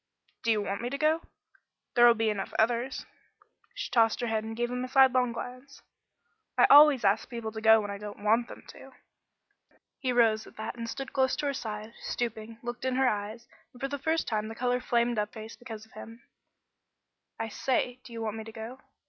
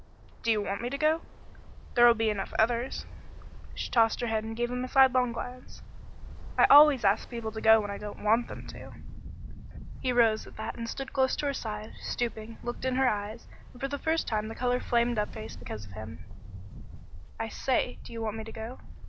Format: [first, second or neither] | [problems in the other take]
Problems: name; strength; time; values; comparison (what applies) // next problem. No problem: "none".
first | background sound (Ocean); 10 dB below the speech